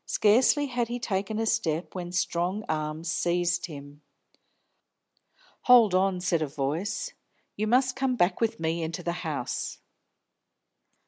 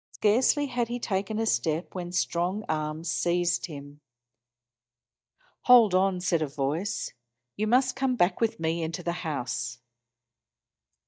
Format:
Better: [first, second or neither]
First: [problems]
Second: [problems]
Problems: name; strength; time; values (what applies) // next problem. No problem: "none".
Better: first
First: none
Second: noise reduction (neural mask model DeepFilterNet 3)